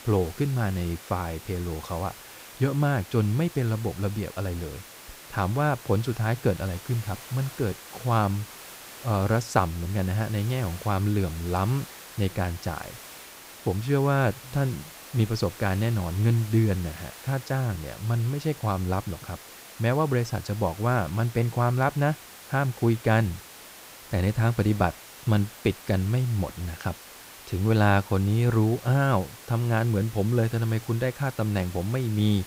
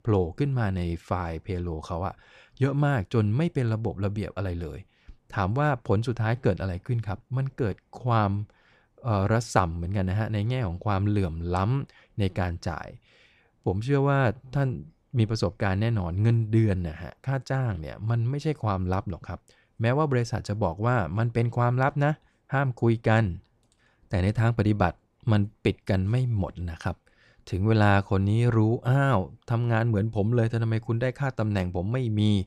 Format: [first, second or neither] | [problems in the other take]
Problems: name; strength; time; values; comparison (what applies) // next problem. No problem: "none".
second | hiss; noticeable; throughout; 15 dB below the speech